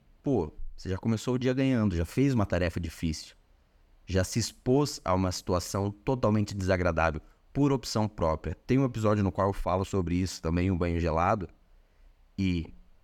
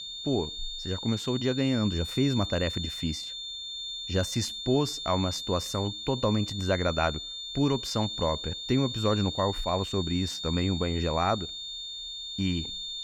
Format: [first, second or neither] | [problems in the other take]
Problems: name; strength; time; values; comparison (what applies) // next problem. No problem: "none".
first | high-pitched whine; loud; throughout; 3.5 kHz, 5 dB below the speech